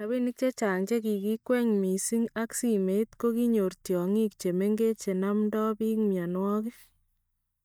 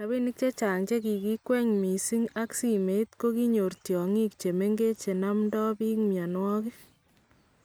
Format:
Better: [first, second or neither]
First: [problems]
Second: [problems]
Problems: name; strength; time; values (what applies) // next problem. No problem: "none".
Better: second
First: noise reduction (neural mask model DeepFilterNet 3)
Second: none